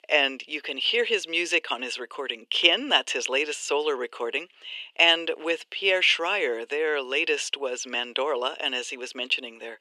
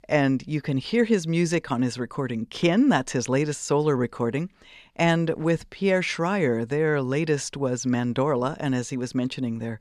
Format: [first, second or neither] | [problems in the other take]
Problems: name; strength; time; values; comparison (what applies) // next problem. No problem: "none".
second | thin; very; fading below 350 Hz